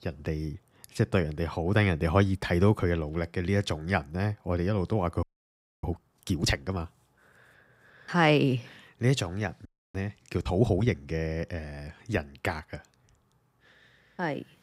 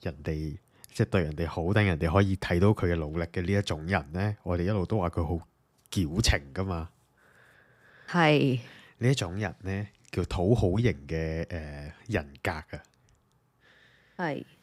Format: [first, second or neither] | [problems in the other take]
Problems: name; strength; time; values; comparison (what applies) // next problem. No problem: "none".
second | audio freezing; at 5 s for 0.5 s and at 9.5 s